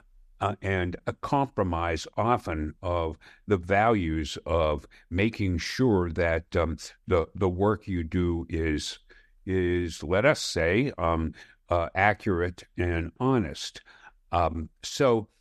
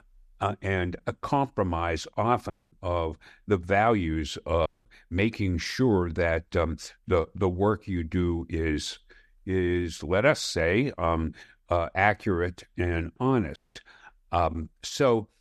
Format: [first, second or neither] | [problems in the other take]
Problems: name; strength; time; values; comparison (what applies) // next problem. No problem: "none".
first | audio cutting out; at 2.5 s, at 4.5 s and at 14 s